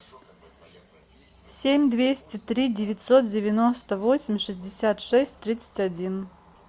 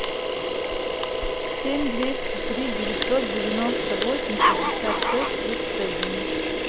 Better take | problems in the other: first | background sound (Dog + Camera); 5 dB above the speech

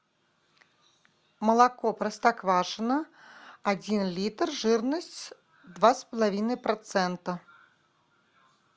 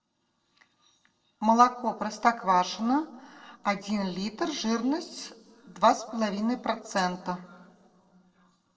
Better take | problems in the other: first | noise reduction (neural separator model SepFormer DNS4)

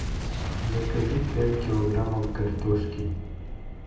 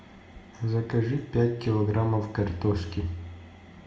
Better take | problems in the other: second | background sound (Boom); 3 dB below the speech // room echo; dies away in 0.6 s

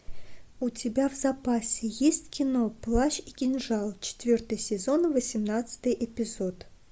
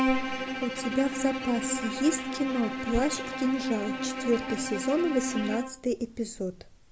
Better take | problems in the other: first | background sound (Bowed string instrument); 3 dB below the speech

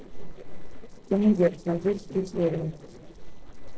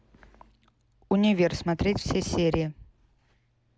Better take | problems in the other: second | noise reduction (neural separator model SepFormer DNS4)

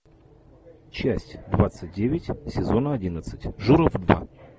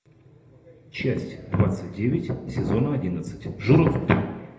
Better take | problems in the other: first | room echo; dies away in 0.7 s

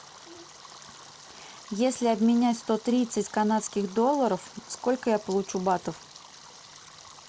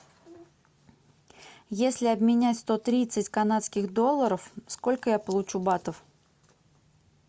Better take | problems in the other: second | background sound (Stream); 20 dB below the speech

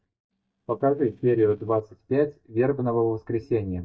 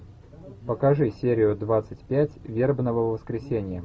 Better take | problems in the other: second | noise reduction (neural mask model DeepFilterNet 3)

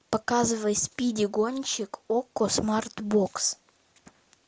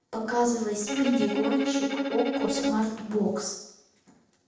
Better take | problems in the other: first | noise reduction (neural separator model SepFormer DNS4)

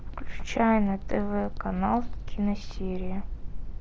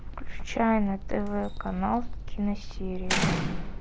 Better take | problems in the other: first | background sound (Slam); 7 dB below the speech

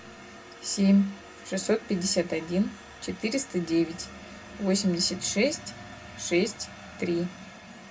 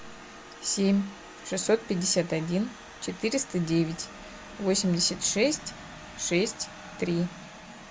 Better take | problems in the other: second | room echo; dies away in 0.2 s

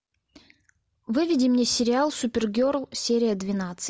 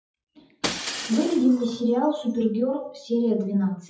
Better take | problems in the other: first | noise reduction (classical method WPE with log-MMSE)

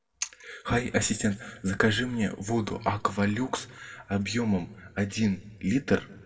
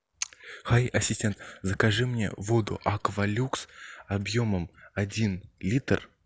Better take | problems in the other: second | room echo; dies away in 0.7 s

